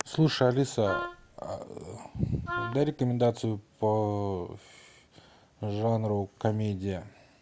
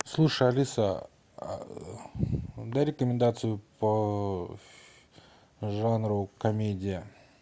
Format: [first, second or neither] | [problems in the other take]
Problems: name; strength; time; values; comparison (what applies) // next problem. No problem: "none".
second | background sound (Wind instrument, woodwind instrument); 8 dB below the speech